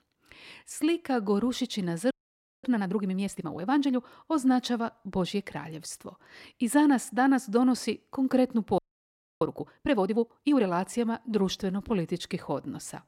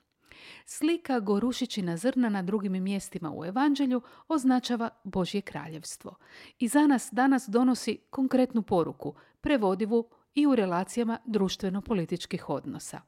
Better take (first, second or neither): second